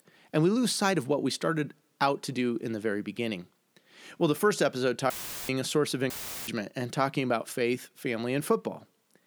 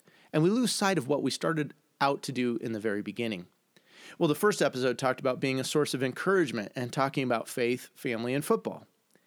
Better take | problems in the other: second | audio cutting out; filled with static; at 5 s and at 6 s

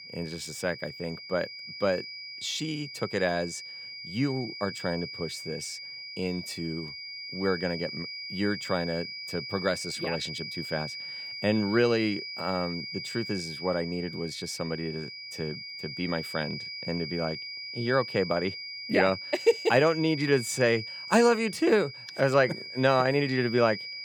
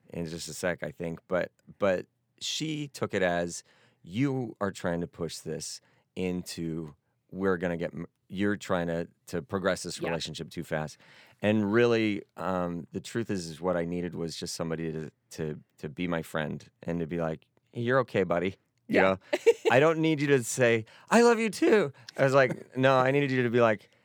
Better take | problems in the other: second | high-pitched whine; loud; throughout; 5 kHz, 8 dB below the speech

